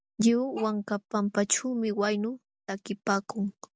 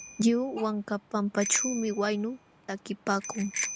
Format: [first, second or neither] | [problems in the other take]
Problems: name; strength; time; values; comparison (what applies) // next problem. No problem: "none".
first | background sound (Bicycle bell); 9 dB below the speech